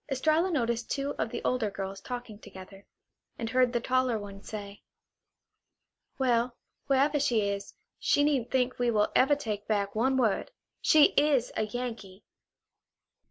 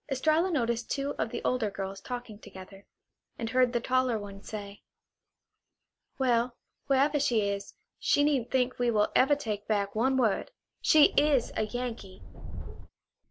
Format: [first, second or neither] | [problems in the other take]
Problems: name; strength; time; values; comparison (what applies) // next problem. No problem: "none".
first | background sound (Subway, metro, underground); 9 dB below the speech